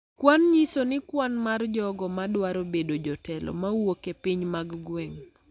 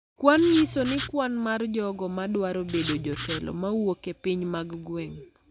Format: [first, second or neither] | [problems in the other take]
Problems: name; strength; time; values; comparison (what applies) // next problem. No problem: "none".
first | background sound (Writing); 9 dB below the speech